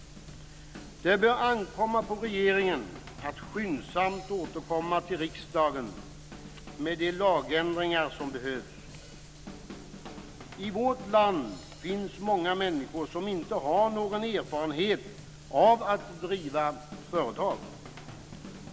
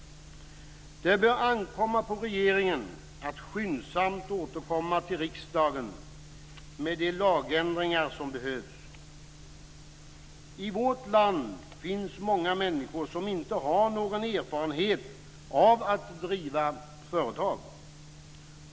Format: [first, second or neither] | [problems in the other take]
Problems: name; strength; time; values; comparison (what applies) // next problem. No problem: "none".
second | background sound (Drum / Drum kit); 18 dB below the speech